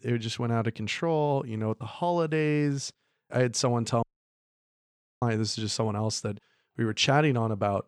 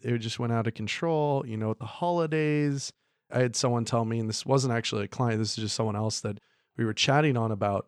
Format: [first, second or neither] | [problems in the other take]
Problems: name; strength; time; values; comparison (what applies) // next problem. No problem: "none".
second | audio cutting out; at 4 s for 1 s